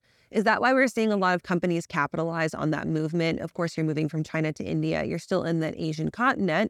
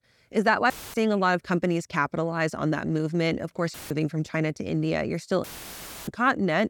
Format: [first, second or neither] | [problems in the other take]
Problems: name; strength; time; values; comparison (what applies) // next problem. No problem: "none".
first | audio cutting out; filled with static; at 0.5 s, at 3.5 s and at 5.5 s for 0.5 s